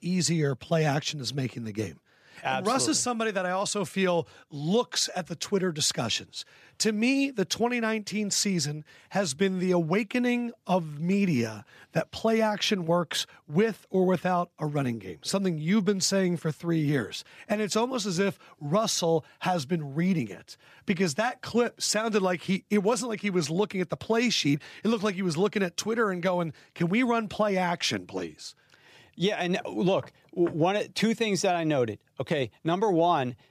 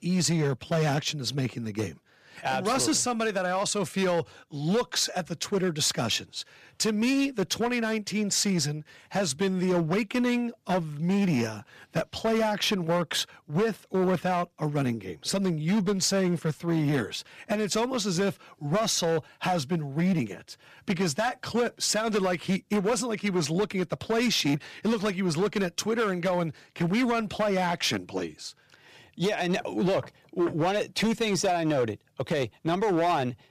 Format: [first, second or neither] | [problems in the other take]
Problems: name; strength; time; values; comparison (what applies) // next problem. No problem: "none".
first | distortion; slight; 9% of the sound clipped